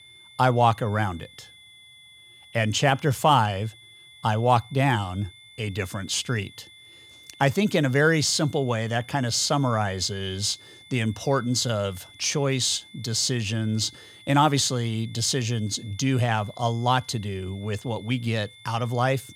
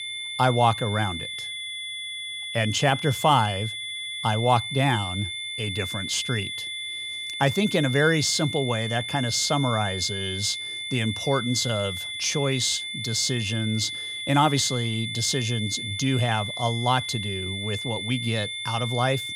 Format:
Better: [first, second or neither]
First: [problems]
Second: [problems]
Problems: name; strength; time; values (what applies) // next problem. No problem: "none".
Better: first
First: high-pitched whine; faint; throughout; 3.5 kHz, 25 dB below the speech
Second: high-pitched whine; loud; throughout; 3.5 kHz, 5 dB below the speech